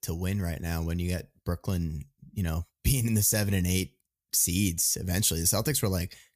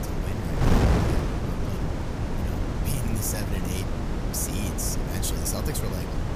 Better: first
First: none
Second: wind noise on the microphone; heavy; 3 dB above the speech

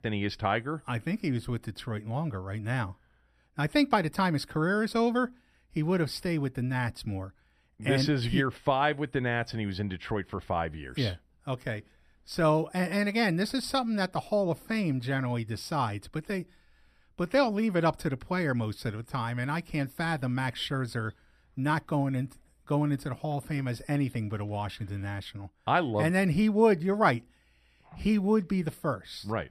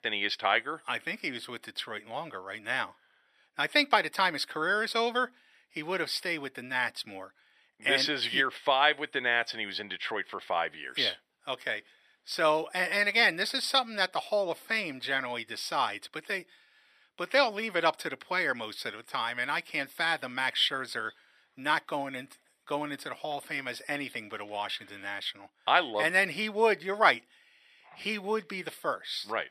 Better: first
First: none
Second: thin; very; fading below 500 Hz

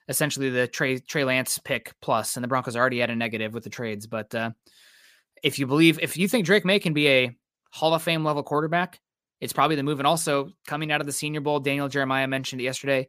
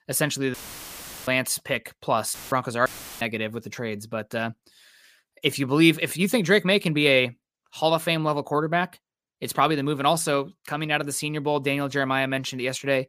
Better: first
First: none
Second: audio cutting out; filled with static; at 0.5 s for 0.5 s, at 2.5 s and at 3 s

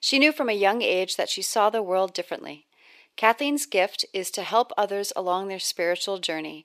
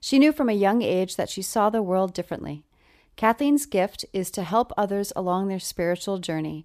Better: second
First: thin; somewhat; fading below 450 Hz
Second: none

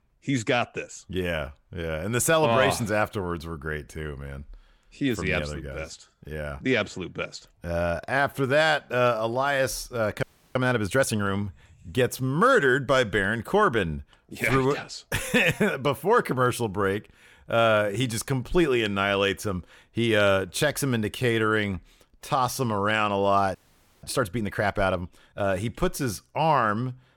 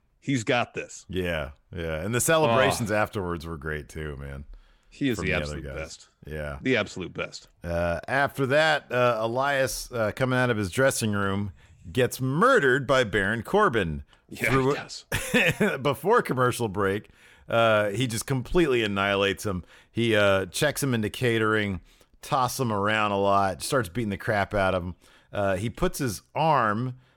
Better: second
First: audio freezing; at 10 s and at 24 s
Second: none

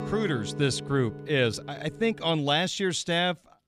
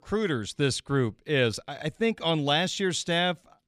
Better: second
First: background music; noticeable; throughout; 15 dB below the speech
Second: none

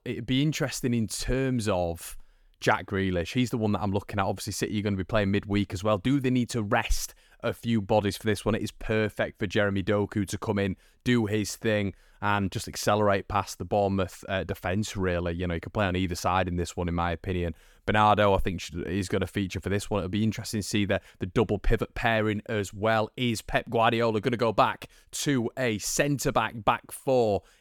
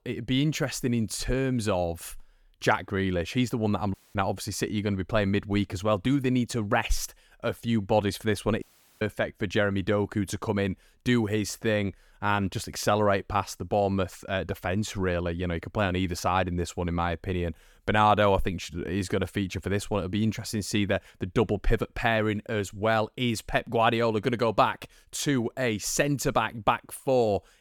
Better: first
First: none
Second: audio cutting out; at 4 s and at 8.5 s

